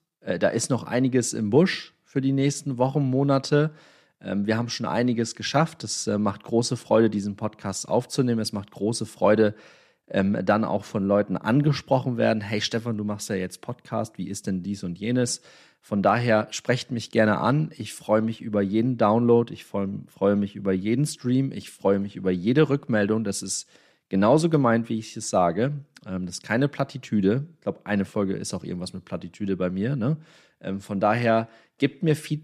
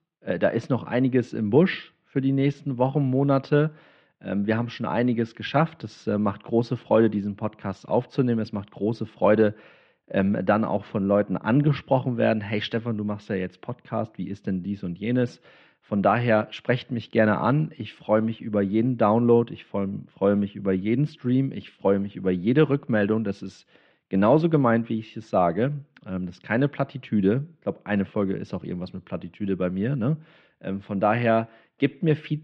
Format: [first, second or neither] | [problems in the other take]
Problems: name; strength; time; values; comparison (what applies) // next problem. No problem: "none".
first | muffled; very; fading above 3 kHz